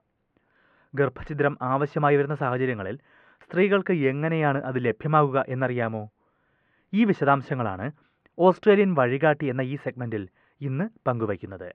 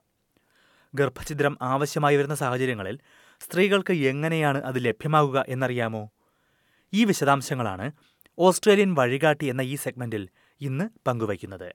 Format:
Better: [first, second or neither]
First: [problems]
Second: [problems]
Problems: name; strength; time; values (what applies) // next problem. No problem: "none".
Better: second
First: muffled; very; fading above 2 kHz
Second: none